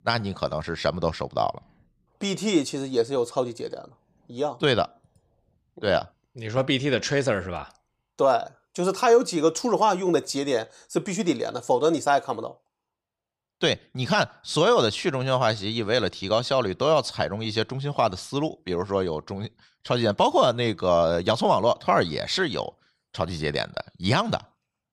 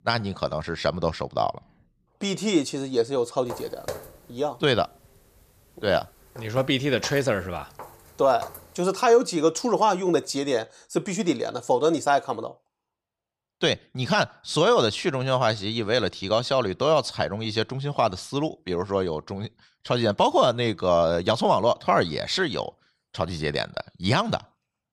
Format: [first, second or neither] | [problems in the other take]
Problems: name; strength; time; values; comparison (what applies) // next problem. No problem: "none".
first | footsteps; faint; from 3.5 to 8.5 s; peak 10 dB below the speech